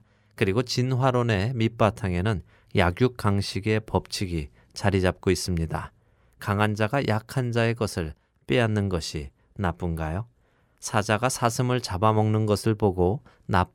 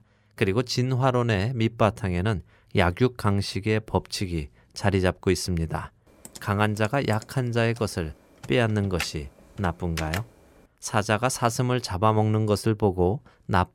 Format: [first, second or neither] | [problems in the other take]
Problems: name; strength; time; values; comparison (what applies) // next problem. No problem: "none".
first | keyboard typing; noticeable; from 6.5 to 10 s; peak 8 dB below the speech